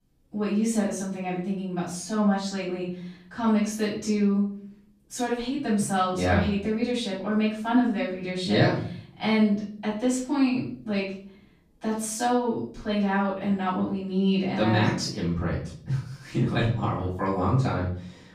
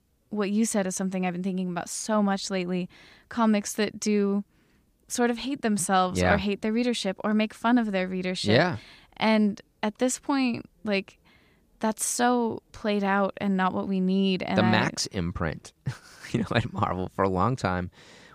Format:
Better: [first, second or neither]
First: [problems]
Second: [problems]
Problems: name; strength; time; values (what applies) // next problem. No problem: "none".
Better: second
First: off-mic speech; far // room echo; noticeable; dies away in 0.5 s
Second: none